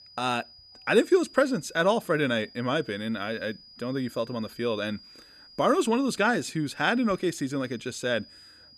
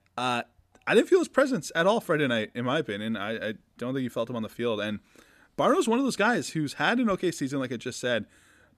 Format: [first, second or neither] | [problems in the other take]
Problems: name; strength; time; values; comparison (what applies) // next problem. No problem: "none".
second | high-pitched whine; faint; throughout; 5 kHz, 20 dB below the speech